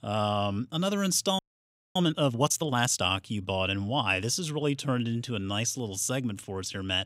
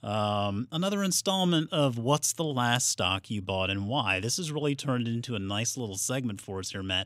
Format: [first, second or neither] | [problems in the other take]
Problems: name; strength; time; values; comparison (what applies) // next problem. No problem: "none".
second | audio freezing; at 1.5 s for 0.5 s